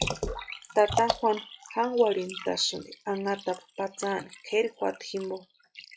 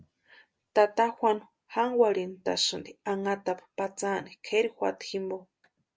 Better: second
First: noise reduction (classical method log-MMSE)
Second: none

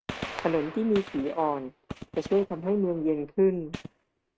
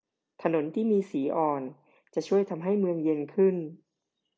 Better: second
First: noise reduction (neural mask model RNNoise)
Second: none

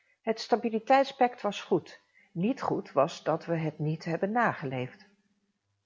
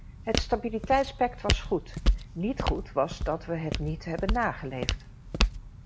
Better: first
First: none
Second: background sound (Walk, footsteps); as loud as the speech

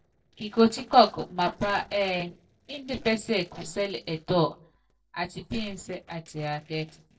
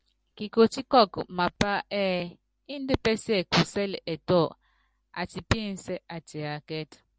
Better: second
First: noise reduction (neural separator model SepFormer DNS4)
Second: none

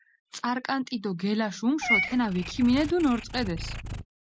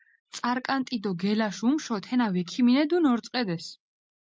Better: second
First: background sound (Meow / Purr); 7 dB below the speech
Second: none

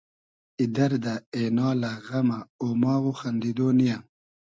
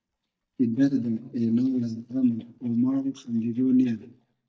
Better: first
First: none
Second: noise reduction (neural mask model DeepFilterNet 3)

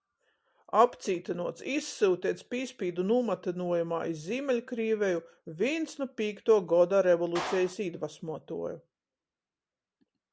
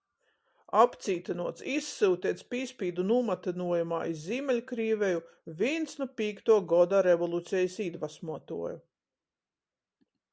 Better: second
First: background sound (Clapping); 13 dB below the speech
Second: none

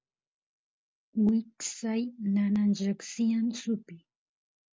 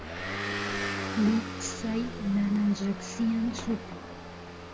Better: first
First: none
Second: background sound (Motor vehicle (road) / Engine); 5 dB below the speech

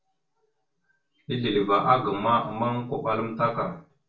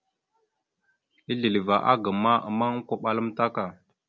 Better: second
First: room echo; dies away in 0.3 s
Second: none

